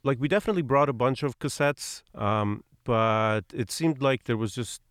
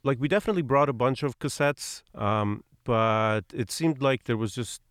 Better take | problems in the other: neither | none

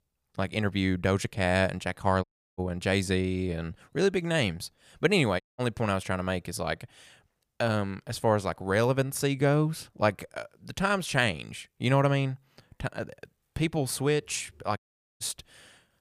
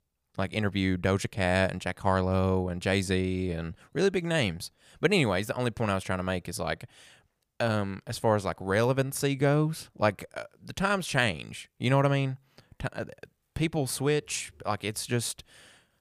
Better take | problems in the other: second | audio cutting out; at 2 s, at 5.5 s and at 15 s

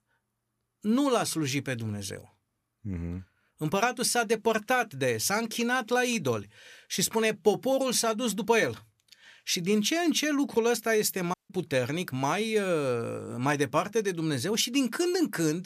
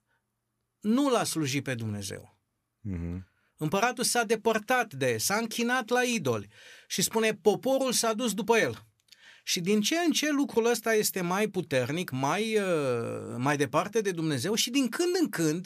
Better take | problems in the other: second | audio cutting out; at 11 s

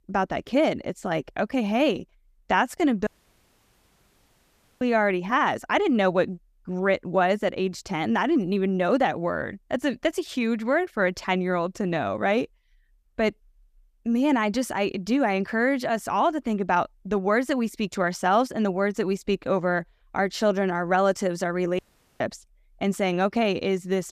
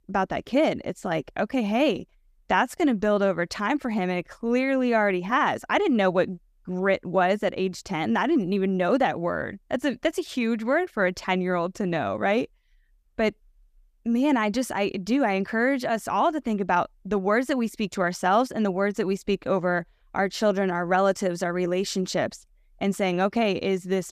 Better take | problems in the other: second | audio cutting out; at 3 s for 1.5 s and at 22 s

